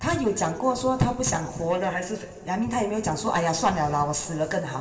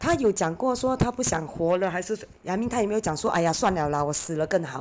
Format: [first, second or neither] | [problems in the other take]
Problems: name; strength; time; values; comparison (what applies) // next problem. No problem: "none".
second | room echo; dies away in 2.2 s